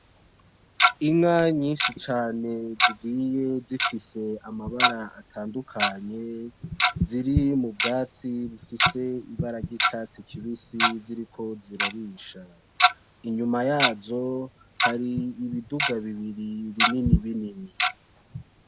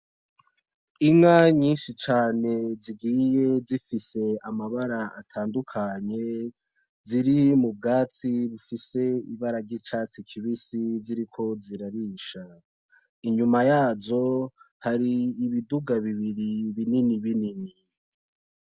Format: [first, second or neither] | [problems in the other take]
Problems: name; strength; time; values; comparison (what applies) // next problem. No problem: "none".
second | background sound (Tick-tock); as loud as the speech